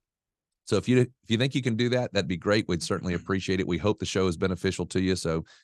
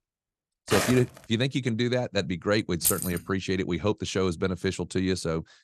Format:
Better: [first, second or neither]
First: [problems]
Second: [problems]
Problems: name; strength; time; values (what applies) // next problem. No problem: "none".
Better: first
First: none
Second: footsteps; loud; at 0.5 s; peak level with the speech // jangling keys; loud; at 3 s; peak 2 dB above the speech